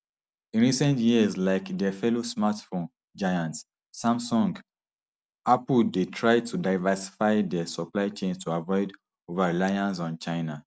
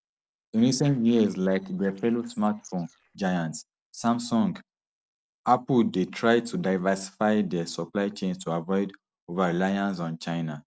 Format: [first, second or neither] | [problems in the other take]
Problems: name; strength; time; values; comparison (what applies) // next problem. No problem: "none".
first | noise reduction (neural separator model SepFormer DNS4)